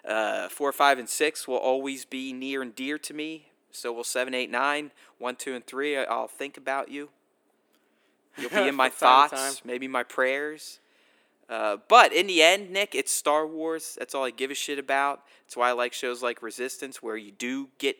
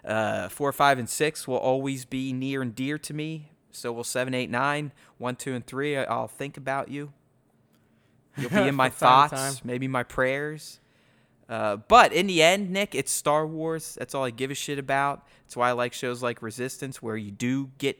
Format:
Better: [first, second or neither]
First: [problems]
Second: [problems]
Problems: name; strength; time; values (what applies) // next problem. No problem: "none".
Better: second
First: thin; very slightly; fading below 300 Hz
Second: none